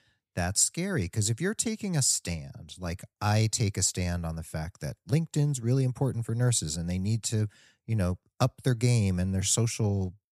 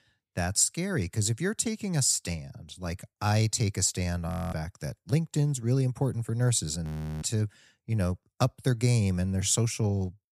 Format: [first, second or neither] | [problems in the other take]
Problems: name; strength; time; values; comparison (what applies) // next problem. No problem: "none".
first | audio freezing; at 4.5 s and at 7 s